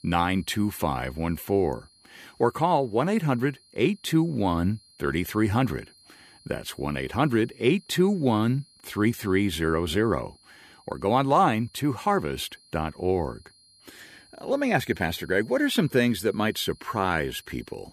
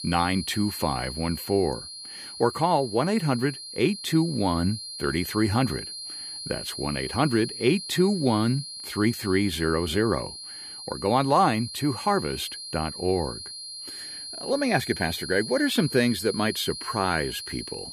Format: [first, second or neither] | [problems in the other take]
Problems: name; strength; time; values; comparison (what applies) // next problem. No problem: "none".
first | high-pitched whine; loud; throughout; 4 kHz, 9 dB below the speech; faint in the first